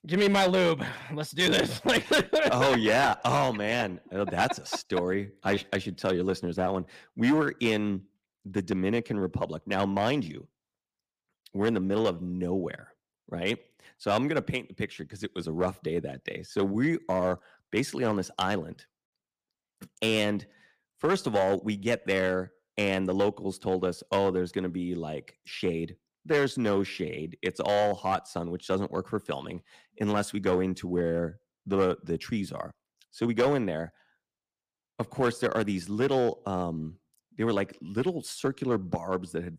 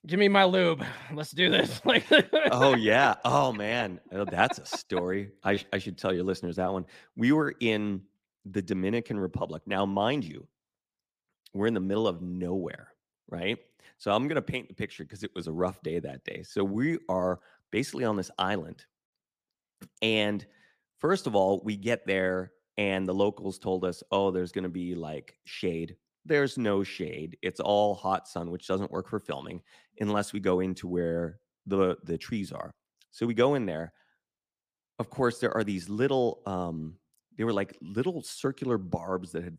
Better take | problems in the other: second | distortion; slight; 3% of the sound clipped

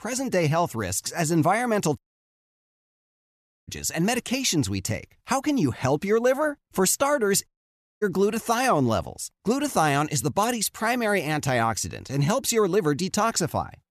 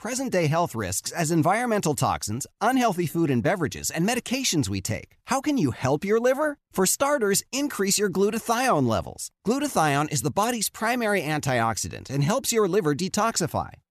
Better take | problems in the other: second | audio cutting out; at 2 s for 1.5 s and at 7.5 s for 0.5 s

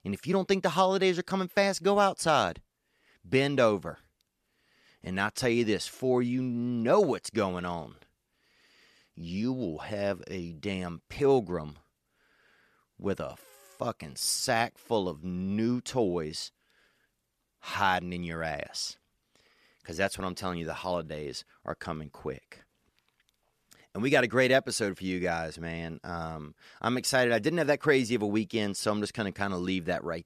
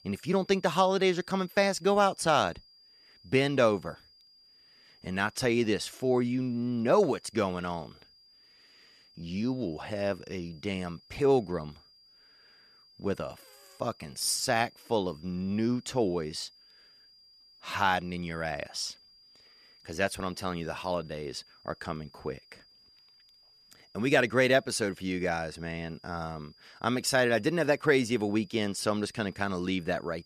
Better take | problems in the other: first | high-pitched whine; faint; throughout; 5 kHz, 30 dB below the speech

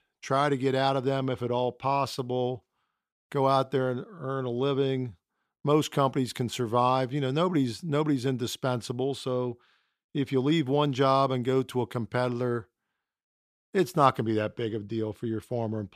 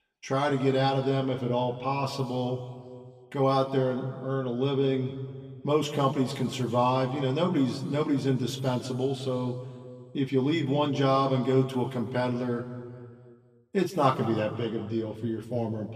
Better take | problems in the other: first | room echo; slight; dies away in 1.8 s // off-mic speech; somewhat distant

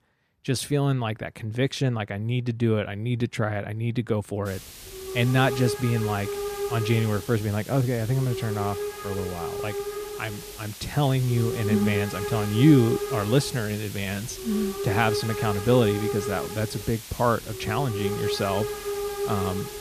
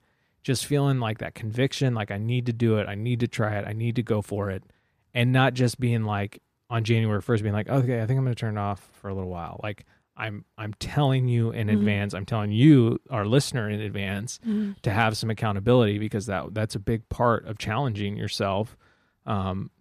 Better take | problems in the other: second | hiss; loud; from 4.5 s on; 6 dB below the speech

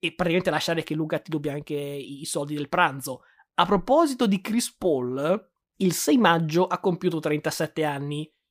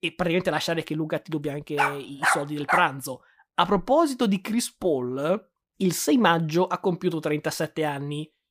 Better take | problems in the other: first | dog barking; loud; from 2 to 3 s; peak 1 dB above the speech

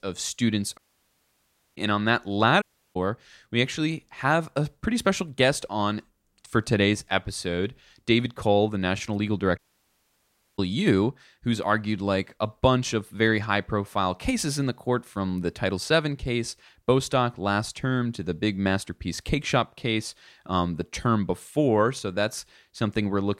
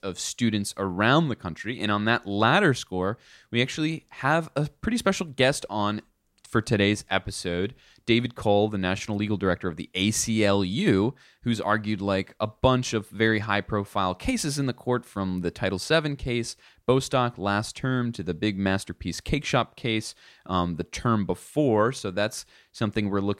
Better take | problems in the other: second | audio cutting out; at 1 s for 1 s, at 2.5 s and at 9.5 s for 1 s

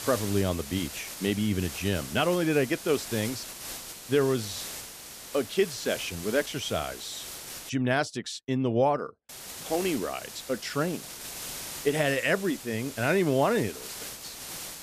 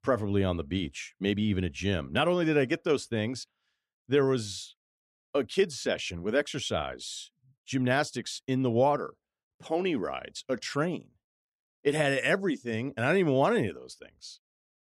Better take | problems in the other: second | hiss; loud; until 7.5 s and from 9.5 s on; 10 dB below the speech

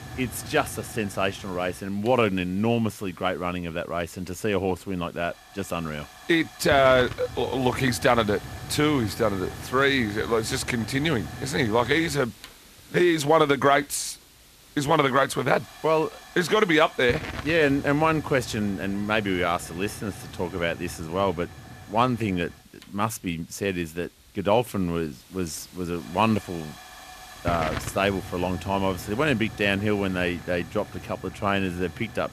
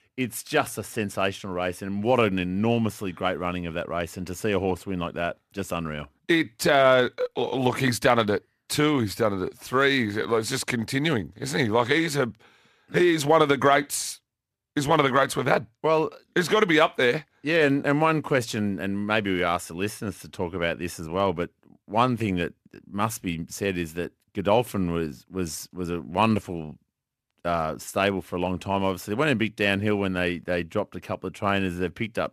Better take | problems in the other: second | hiss; noticeable; throughout; 15 dB below the speech

